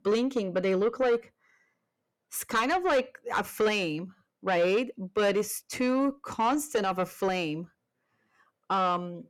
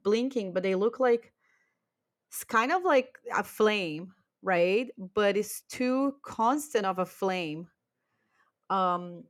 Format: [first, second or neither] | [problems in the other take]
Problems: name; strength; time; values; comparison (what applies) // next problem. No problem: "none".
second | distortion; slight; 10 dB below the speech